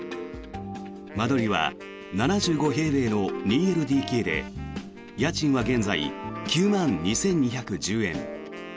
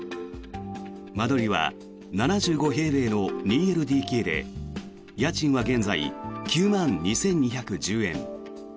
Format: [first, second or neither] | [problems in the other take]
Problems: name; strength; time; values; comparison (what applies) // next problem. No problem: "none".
second | background sound (Wind instrument, woodwind instrument); 18 dB below the speech